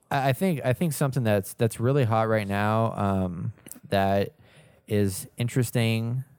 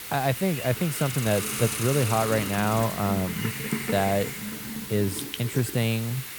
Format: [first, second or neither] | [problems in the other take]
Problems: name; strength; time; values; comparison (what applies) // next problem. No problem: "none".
first | hiss; loud; throughout; 5 dB below the speech